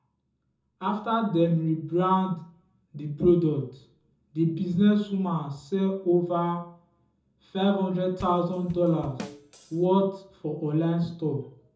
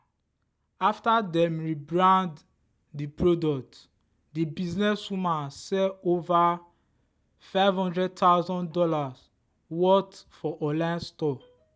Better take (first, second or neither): second